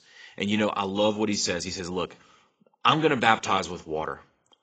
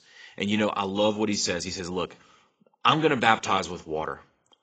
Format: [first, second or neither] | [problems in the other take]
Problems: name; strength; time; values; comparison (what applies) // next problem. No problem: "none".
neither | garbled, watery; badly; nothing above 7.5 kHz; the same in both